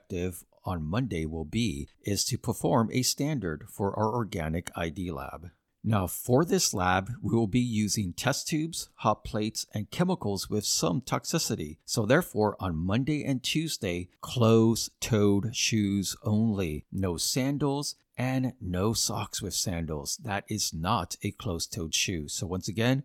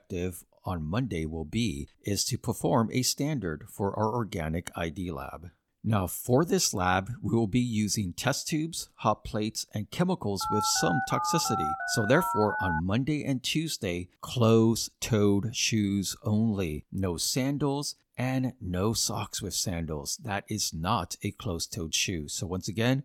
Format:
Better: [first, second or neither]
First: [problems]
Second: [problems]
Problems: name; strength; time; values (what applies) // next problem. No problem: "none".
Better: first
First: none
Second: phone ringing; noticeable; from 10 to 13 s; peak 1 dB below the speech